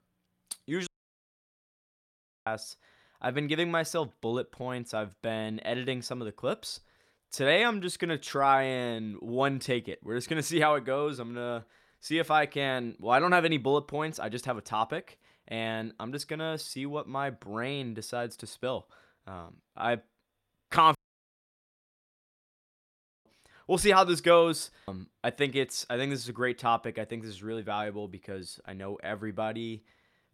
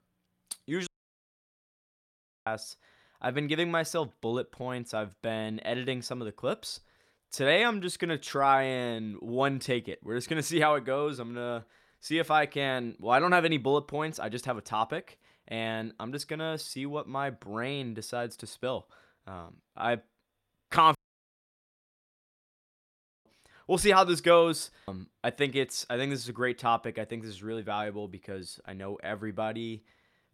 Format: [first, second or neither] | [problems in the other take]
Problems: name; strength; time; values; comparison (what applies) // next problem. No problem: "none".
neither | audio cutting out; at 1 s for 1.5 s and at 21 s for 2.5 s; the same in both